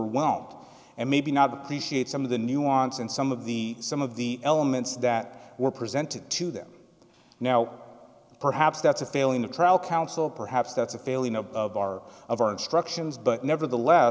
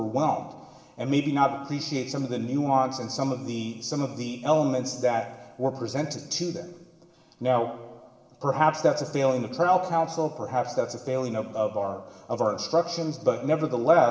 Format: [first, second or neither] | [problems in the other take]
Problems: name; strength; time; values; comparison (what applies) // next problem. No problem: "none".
first | room echo; dies away in 0.9 s